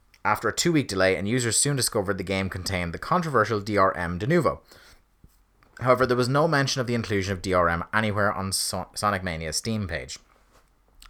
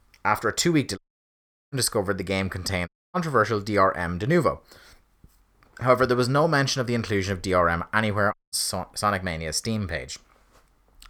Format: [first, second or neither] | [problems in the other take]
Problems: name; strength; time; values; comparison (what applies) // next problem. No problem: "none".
first | audio cutting out; at 1 s for 0.5 s, at 3 s and at 8.5 s